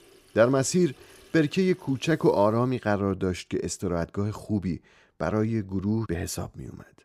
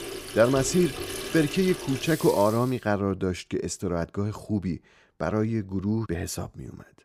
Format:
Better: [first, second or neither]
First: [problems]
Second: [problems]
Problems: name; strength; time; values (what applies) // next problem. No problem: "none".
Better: first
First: household noises; faint; until 2.5 s; 25 dB below the speech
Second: household noises; loud; until 2.5 s; 8 dB below the speech